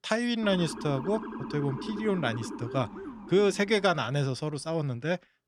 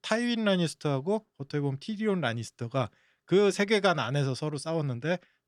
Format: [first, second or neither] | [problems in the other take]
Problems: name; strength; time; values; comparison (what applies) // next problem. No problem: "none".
second | siren; noticeable; until 4.5 s; peak 9 dB below the speech